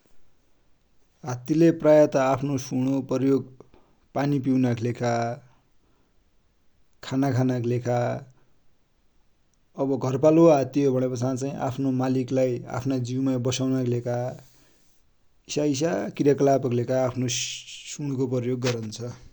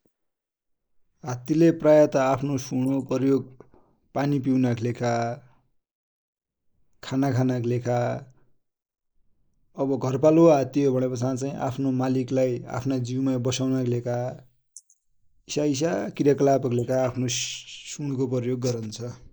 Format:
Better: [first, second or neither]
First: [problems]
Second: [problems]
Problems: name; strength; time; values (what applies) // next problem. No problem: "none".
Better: first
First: none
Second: noise reduction (neural mask model Resemble Enhance denoiser)